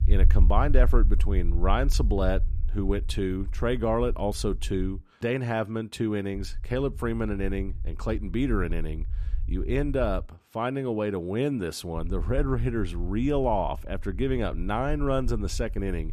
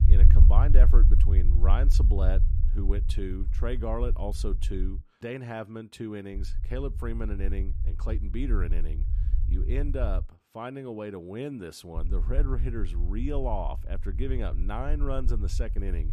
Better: first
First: low rumble; faint; until 5 s, from 6.5 to 10 s and from 12 s on; 20 dB below the speech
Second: low rumble; loud; until 5 s, from 6.5 to 10 s and from 12 s on; 10 dB below the speech

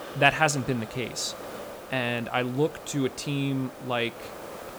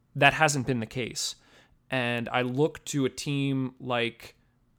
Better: second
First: hiss; noticeable; throughout; 15 dB below the speech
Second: none

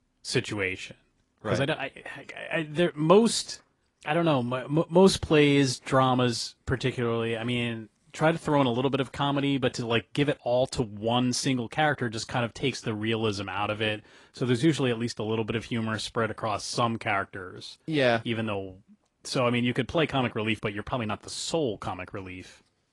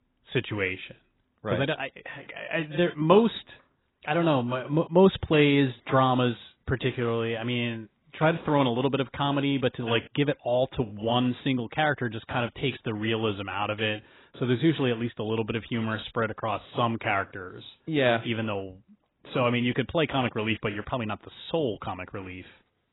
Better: first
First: garbled, watery; slightly; nothing above 10.5 kHz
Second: garbled, watery; badly; nothing above 4 kHz

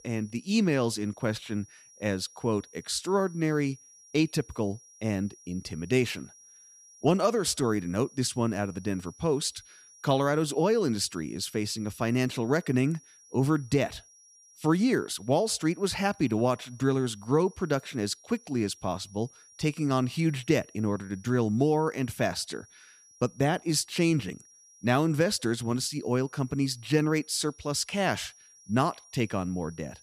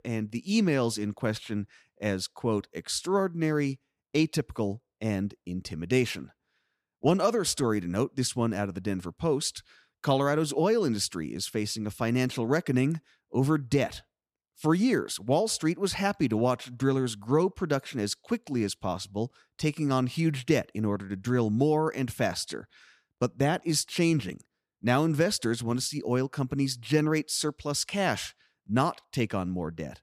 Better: second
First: high-pitched whine; faint; throughout; 5.5 kHz, 25 dB below the speech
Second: none

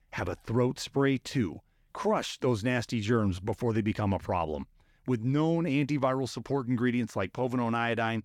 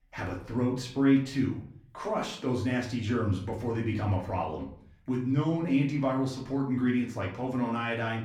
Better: first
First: none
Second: room echo; slight; dies away in 0.5 s // off-mic speech; far

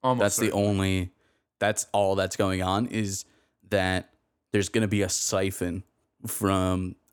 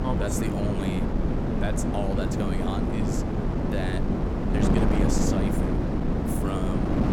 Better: first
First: none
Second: wind noise on the microphone; heavy; 4 dB above the speech

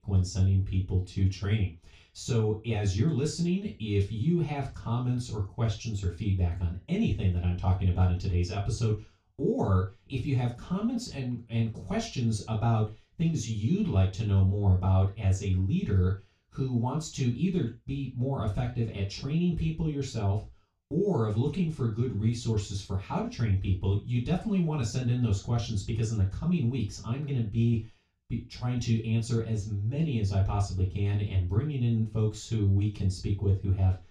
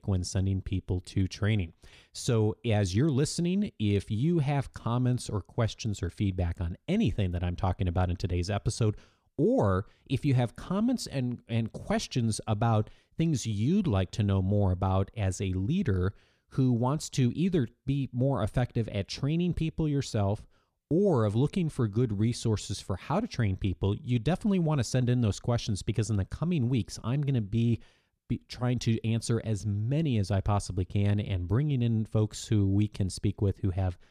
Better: second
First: room echo; slight; dies away in 0.2 s // off-mic speech; far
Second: none

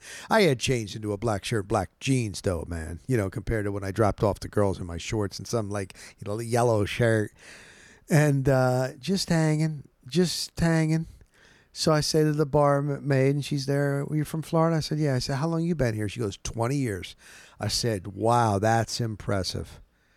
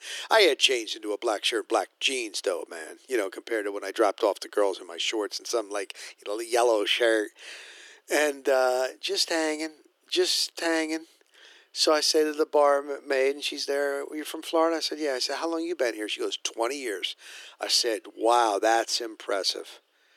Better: first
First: none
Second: thin; very; fading below 350 Hz

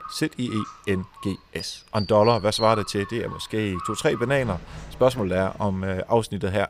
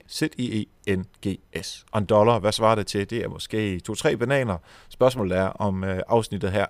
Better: second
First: animal sounds; noticeable; throughout; 15 dB below the speech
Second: none

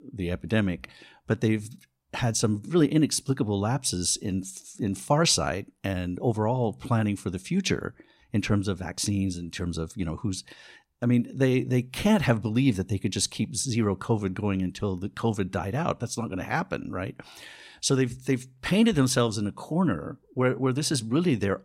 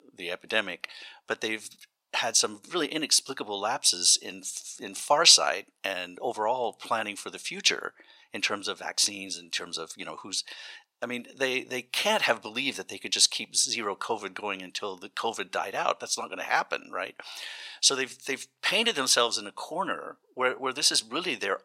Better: first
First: none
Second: thin; very; fading below 700 Hz

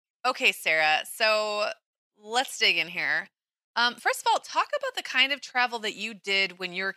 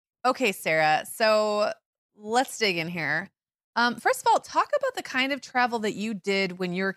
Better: second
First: thin; somewhat; fading below 700 Hz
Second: none

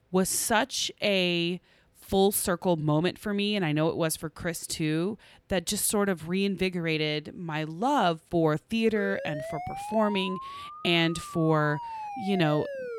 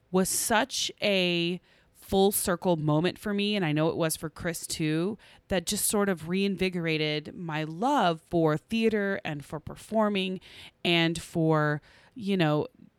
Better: second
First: siren; noticeable; from 9 s on; peak 9 dB below the speech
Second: none

